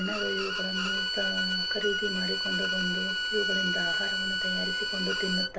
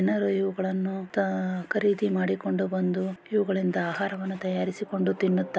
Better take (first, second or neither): second